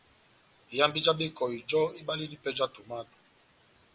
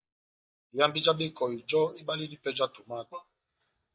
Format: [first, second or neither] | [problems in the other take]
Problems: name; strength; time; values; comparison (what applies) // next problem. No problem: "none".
first | noise reduction (neural mask model DeepFilterNet 3)